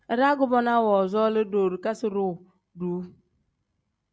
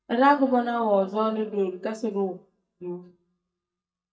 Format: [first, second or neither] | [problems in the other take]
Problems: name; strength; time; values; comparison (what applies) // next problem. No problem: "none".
first | noise reduction (neural mask model DeepFilterNet 3)